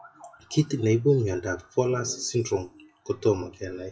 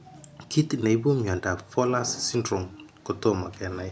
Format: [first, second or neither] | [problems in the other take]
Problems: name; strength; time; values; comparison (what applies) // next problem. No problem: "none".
second | noise reduction (classical method WPE with log-MMSE)